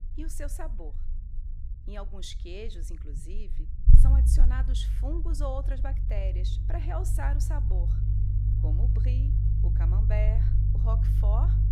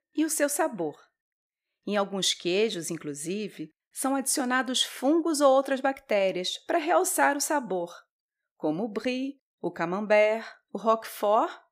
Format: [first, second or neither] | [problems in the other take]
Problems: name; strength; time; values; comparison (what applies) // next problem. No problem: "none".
second | low rumble; loud; throughout; 3 dB below the speech